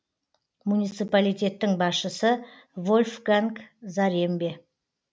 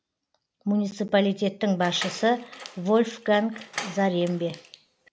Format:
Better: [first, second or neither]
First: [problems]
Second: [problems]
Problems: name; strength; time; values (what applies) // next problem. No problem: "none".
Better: first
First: none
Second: background sound (Door); 15 dB below the speech